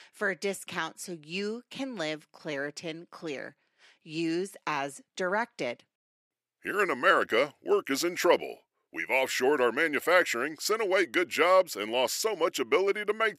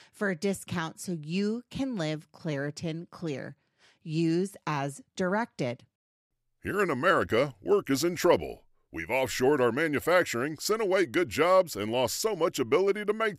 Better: second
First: thin; somewhat; fading below 300 Hz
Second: none

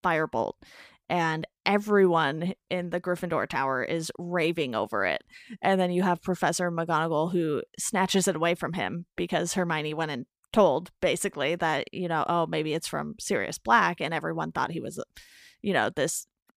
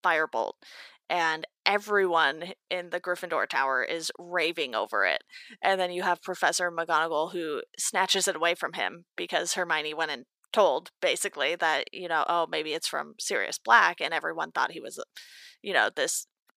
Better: first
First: none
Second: thin; very; fading below 500 Hz

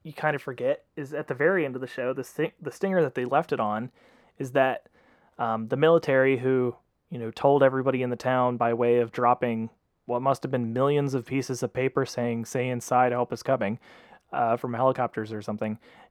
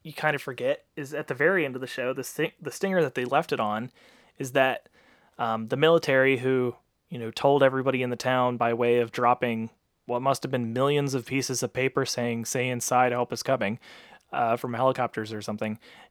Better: second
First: muffled; slightly; fading above 2 kHz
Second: none

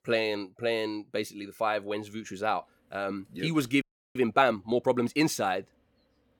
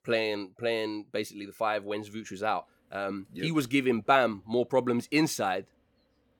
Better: second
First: audio freezing; at 4 s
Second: none

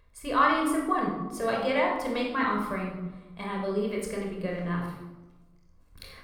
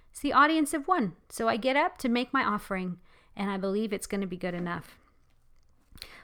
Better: second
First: off-mic speech; somewhat distant // room echo; noticeable; dies away in 0.8 s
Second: none

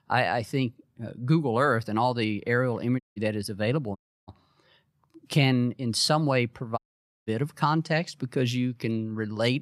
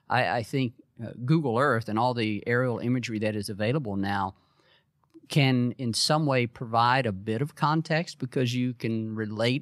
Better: second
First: audio cutting out; at 3 s, at 4 s and at 7 s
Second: none

